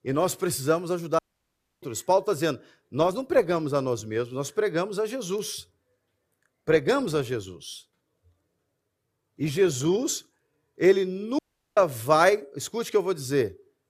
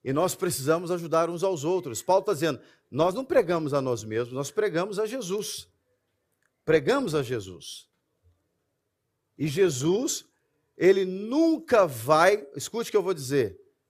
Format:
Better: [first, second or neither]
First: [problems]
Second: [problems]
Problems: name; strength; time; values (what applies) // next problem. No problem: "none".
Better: second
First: audio cutting out; at 1 s for 0.5 s and at 11 s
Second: none